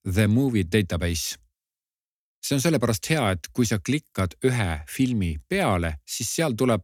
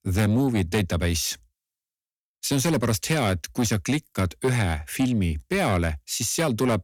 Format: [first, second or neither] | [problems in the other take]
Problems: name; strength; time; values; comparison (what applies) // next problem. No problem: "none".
first | distortion; slight; 10 dB below the speech